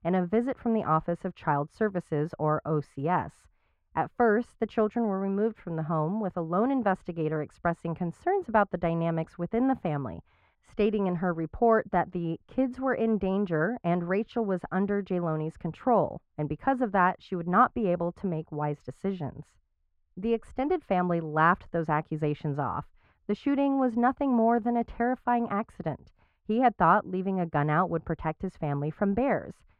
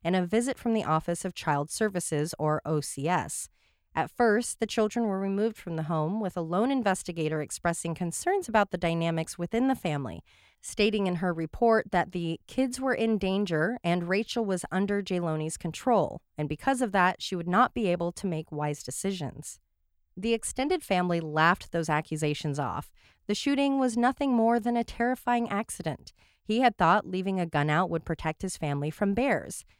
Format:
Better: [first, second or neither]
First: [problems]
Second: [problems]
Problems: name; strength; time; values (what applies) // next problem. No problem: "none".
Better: second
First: muffled; very; fading above 3.5 kHz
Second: none